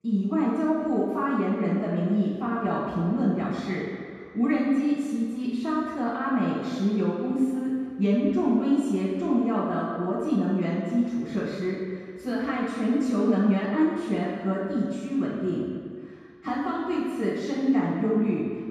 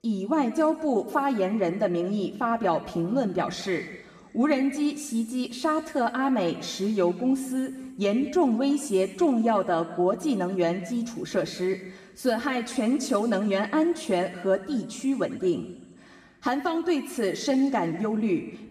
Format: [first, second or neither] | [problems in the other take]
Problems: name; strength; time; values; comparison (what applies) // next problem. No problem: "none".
second | room echo; strong; dies away in 2 s; slight in the second // off-mic speech; far; somewhat distant in the second